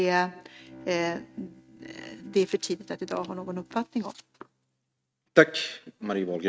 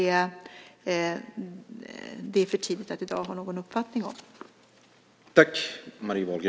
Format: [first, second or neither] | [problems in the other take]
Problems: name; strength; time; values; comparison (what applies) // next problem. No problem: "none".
second | noise reduction (neural mask model RNNoise)